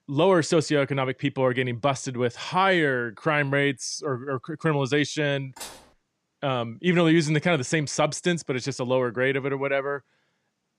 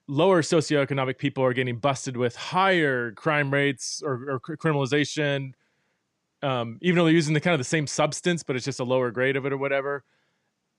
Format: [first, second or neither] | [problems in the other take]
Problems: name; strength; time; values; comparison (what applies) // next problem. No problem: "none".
second | clattering dishes; faint; at 5.5 s; peak 15 dB below the speech